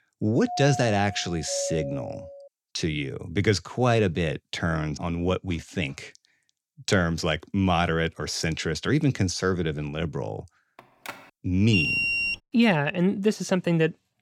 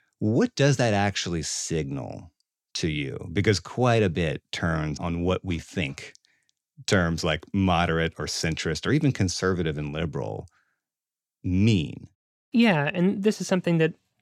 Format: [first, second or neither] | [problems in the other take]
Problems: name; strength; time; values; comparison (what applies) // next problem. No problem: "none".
second | doorbell; noticeable; until 2.5 s; peak 6 dB below the speech // phone ringing; faint; at 11 s; peak 15 dB below the speech // alarm; loud; at 12 s; peak 4 dB above the speech